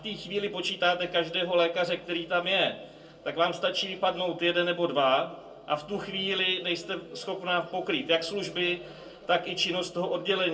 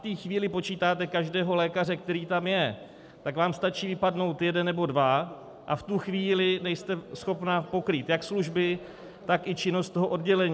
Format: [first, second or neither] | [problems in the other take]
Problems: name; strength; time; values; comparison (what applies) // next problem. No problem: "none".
second | room echo; dies away in 0.2 s